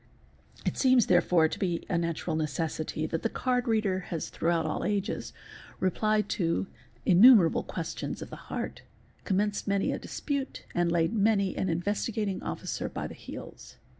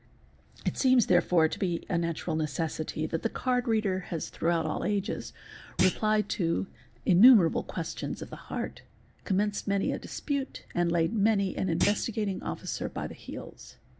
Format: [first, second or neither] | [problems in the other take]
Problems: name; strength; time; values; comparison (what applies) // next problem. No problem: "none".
first | background sound (Thump, thud); 4 dB below the speech